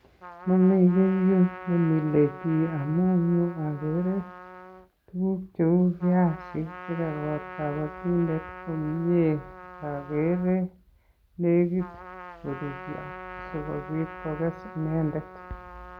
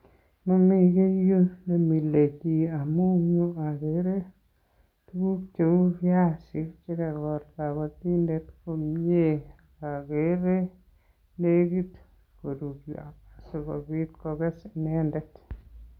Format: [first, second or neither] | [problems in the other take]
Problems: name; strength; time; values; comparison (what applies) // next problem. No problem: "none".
second | background sound (Trumpet); 16 dB below the speech